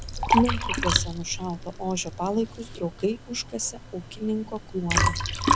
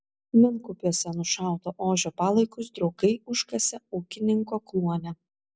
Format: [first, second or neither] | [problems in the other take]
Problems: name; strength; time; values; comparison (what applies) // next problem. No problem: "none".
second | background sound (Liquid); 1 dB above the speech